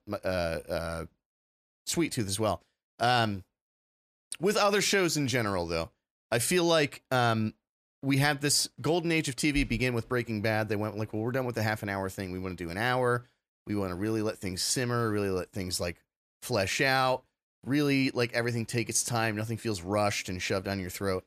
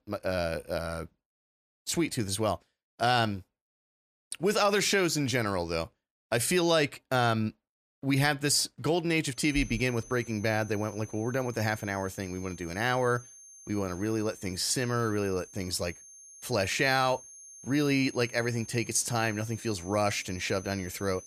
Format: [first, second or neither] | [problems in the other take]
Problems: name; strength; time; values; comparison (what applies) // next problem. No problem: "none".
first | high-pitched whine; noticeable; from 9.5 s on; 6.5 kHz, 20 dB below the speech